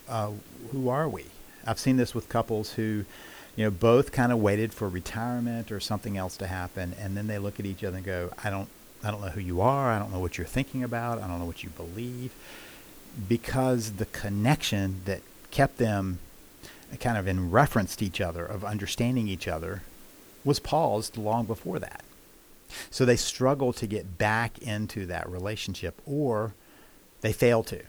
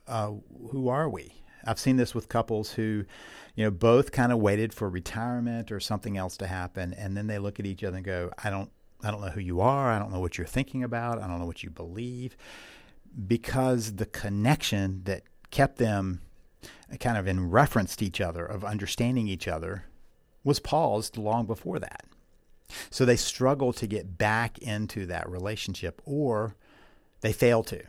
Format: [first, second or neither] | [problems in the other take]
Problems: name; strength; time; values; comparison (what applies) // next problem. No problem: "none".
second | hiss; faint; throughout; 20 dB below the speech